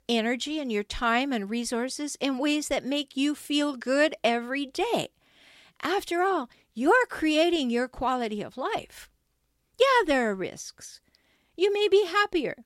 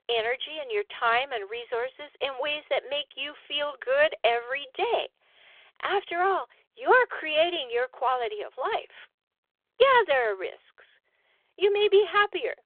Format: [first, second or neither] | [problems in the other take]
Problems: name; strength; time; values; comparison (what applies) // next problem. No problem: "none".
first | phone-call audio